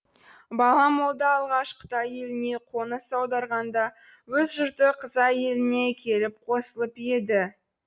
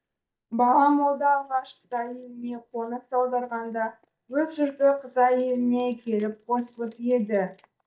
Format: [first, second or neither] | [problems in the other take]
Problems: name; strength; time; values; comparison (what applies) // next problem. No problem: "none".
first | noise reduction (neural mask model DeepFilterNet 3)